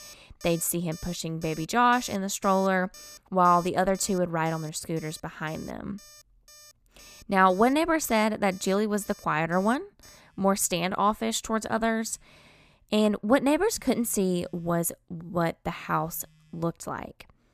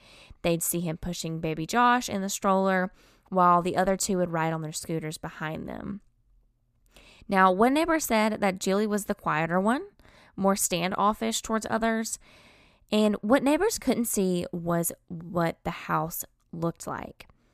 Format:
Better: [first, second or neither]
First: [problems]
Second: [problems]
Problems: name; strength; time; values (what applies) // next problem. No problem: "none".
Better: second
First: alarms or sirens; faint; throughout; 20 dB below the speech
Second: none